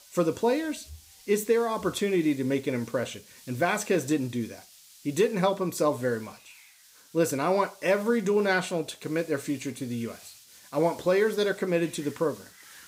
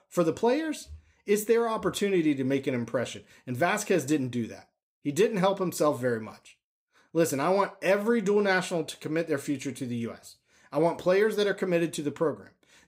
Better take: second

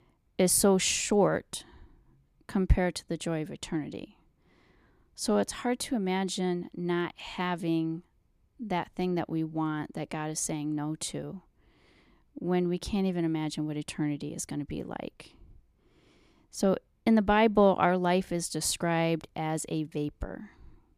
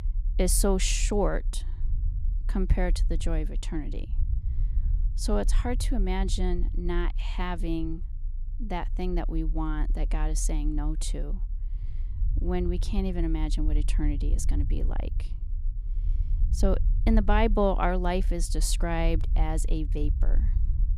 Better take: first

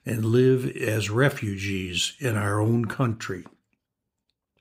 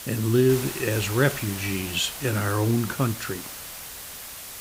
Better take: first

